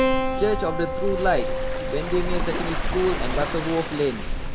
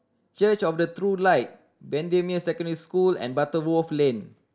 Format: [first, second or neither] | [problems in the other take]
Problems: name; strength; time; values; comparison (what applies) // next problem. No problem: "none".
second | background sound (Waves, surf + Keyboard (musical)); 2 dB above the speech